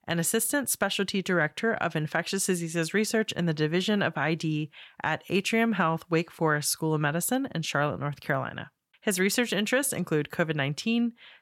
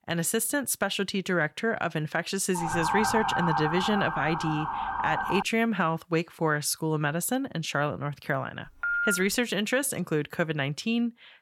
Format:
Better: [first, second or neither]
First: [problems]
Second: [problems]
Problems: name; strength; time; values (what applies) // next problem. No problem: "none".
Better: first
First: none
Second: siren; loud; from 2.5 to 5.5 s; peak 1 dB above the speech // phone ringing; loud; at 8.5 s; peak 1 dB above the speech